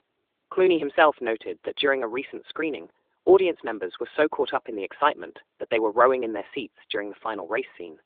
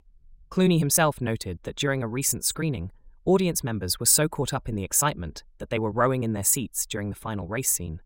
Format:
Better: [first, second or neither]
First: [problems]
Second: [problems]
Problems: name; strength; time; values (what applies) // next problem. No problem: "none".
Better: second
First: phone-call audio; nothing above 3.5 kHz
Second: none